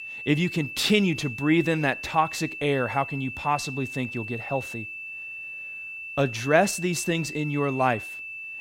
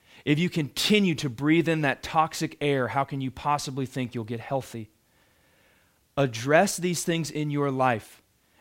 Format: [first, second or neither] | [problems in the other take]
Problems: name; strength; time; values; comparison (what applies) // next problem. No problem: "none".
second | high-pitched whine; loud; throughout; 2.5 kHz, 9 dB below the speech